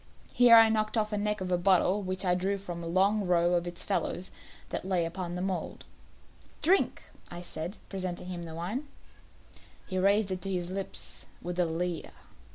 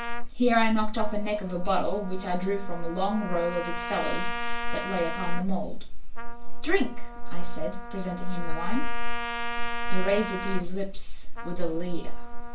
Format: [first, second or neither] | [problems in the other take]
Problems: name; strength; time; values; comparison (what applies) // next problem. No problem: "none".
first | background sound (Trumpet); 15 dB below the speech // room echo; dies away in 0.3 s